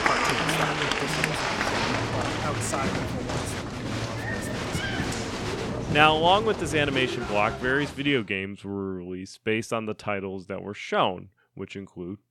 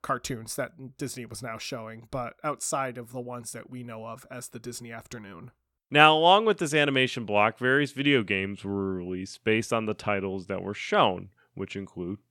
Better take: second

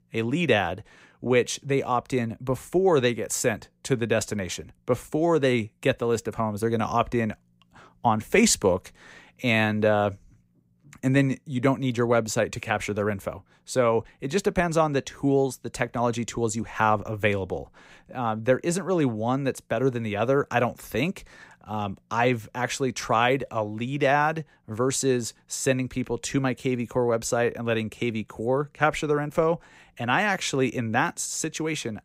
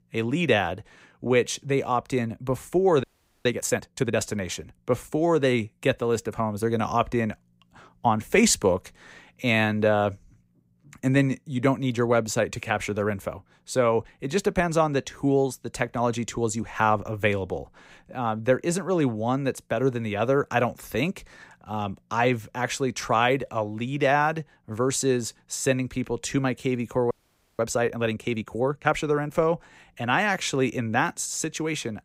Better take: first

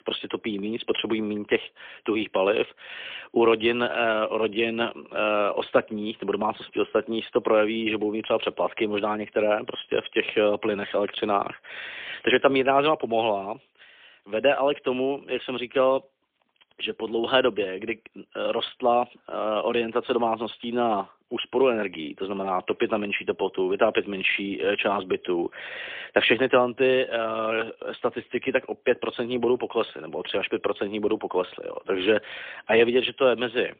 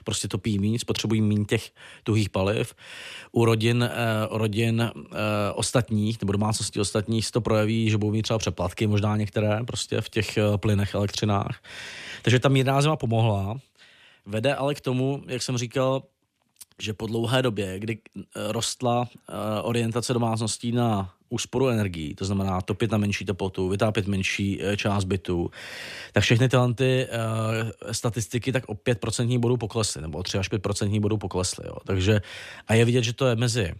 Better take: second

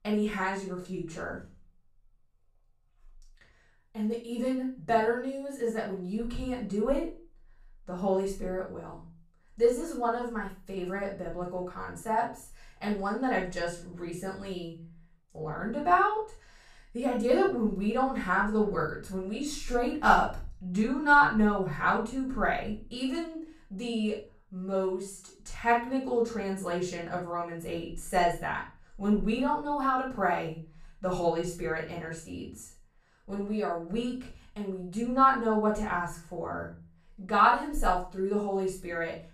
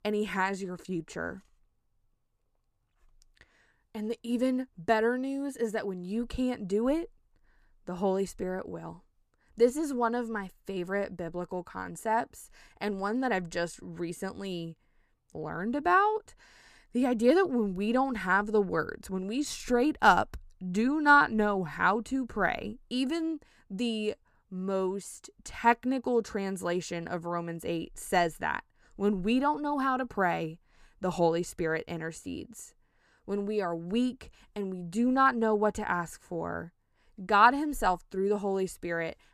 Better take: second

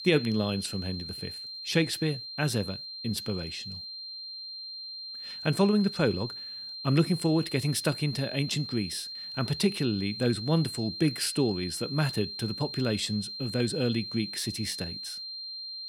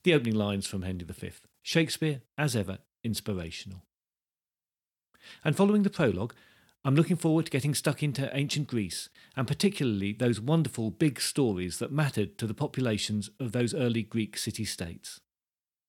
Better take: second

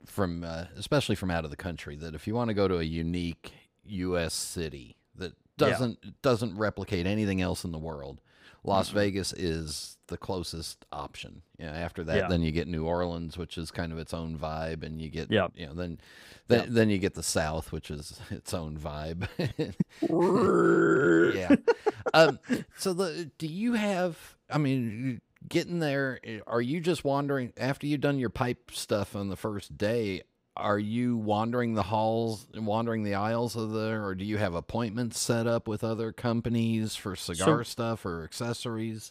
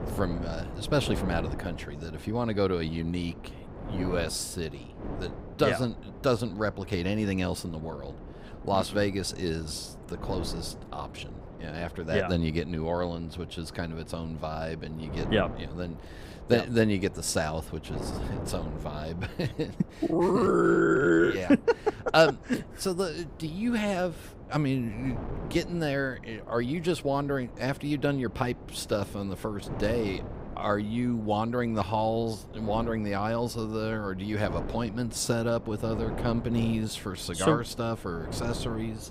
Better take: first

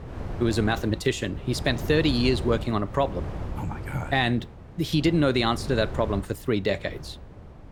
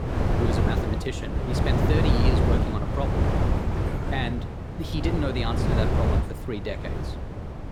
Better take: first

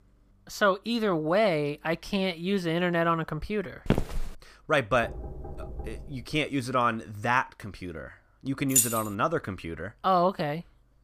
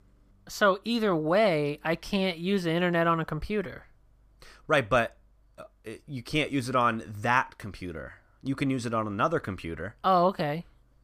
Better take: second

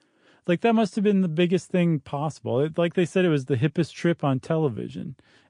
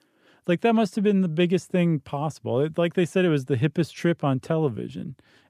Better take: second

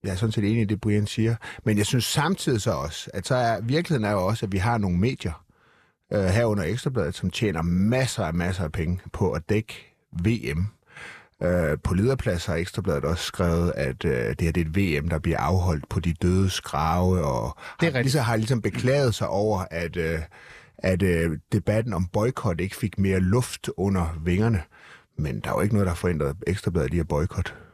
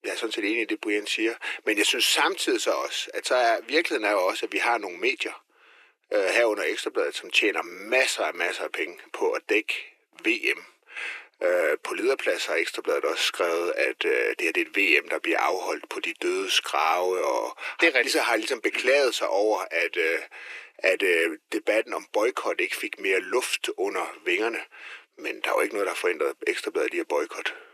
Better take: first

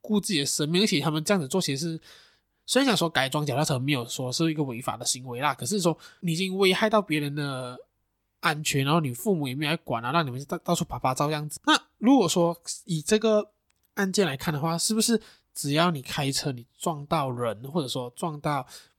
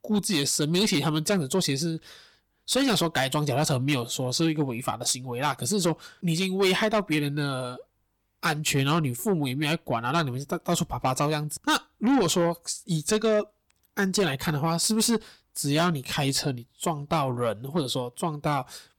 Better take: first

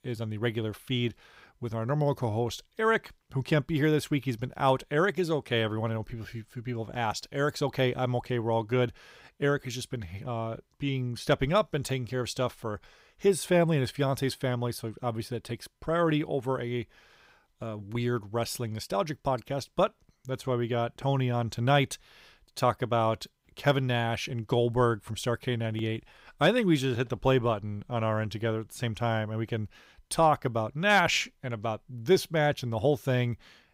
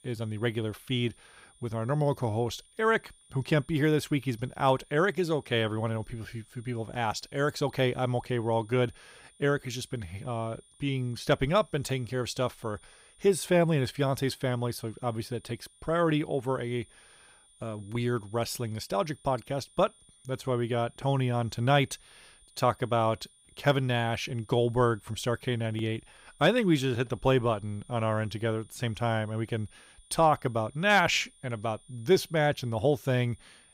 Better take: first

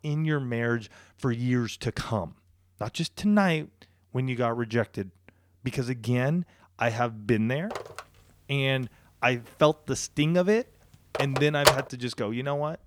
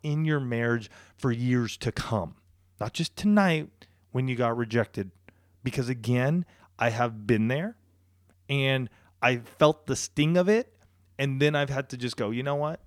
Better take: second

